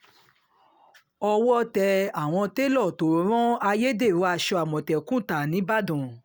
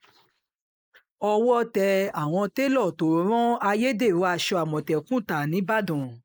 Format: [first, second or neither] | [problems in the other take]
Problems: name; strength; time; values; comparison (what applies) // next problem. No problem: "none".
first | noise reduction (neural mask model Resemble Enhance denoiser)